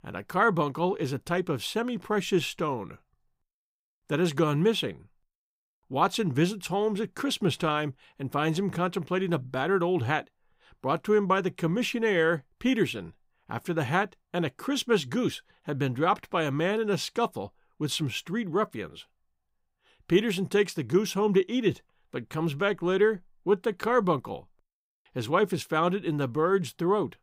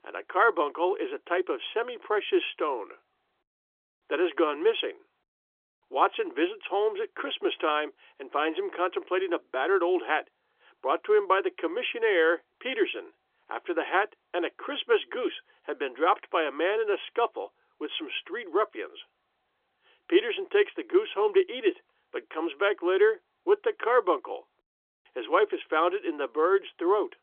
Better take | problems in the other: first | phone-call audio; nothing above 3.5 kHz

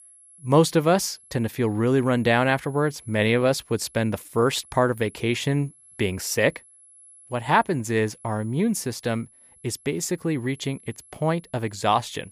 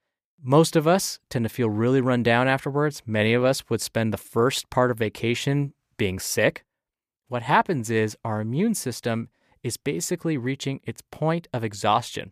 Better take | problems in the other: second | high-pitched whine; faint; throughout; 11 kHz, 25 dB below the speech

